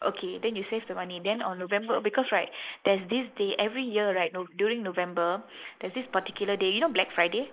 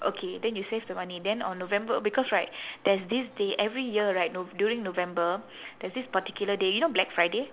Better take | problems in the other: second | noise reduction (neural mask model Resemble Enhance denoiser)

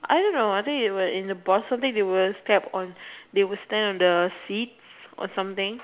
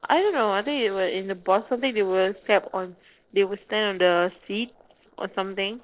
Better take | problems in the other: first | noise reduction (neural separator model SepFormer DNS4)

